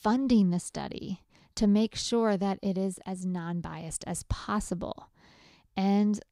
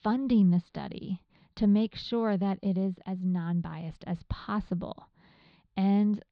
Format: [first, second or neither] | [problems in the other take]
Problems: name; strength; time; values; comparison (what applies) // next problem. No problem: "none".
first | muffled; very slightly; fading above 4 kHz